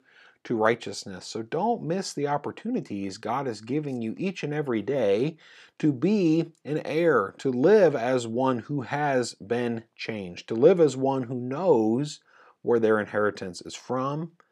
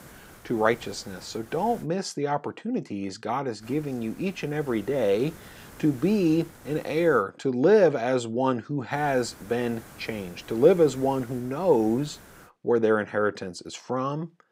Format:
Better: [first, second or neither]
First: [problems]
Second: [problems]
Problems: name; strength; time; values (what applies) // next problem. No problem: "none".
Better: first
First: none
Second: hiss; faint; until 2 s, from 3.5 to 7 s and from 9 to 12 s; 20 dB below the speech